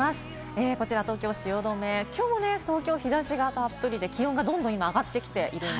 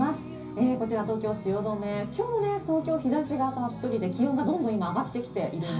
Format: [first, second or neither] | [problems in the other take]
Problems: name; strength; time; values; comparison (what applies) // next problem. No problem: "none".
first | room echo; dies away in 0.5 s